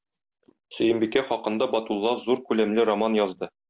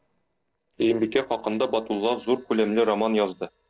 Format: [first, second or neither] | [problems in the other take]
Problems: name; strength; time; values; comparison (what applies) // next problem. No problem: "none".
first | noise reduction (neural separator model SepFormer DNS4)